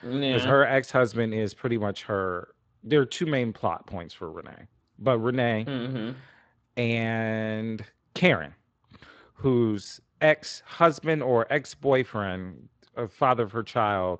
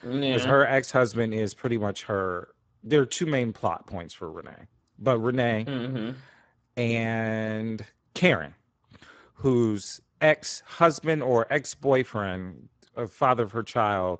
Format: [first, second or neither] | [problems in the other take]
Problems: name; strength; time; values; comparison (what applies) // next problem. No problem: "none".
first | garbled, watery; badly; nothing above 7.5 kHz; slightly in the first